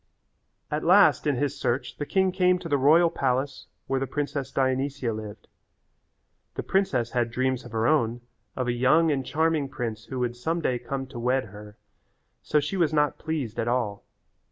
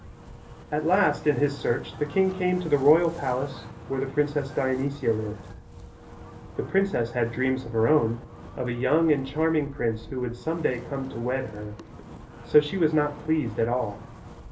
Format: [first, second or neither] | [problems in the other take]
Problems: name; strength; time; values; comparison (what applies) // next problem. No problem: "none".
first | background sound (Wind); 15 dB below the speech // room echo; dies away in 0.3 s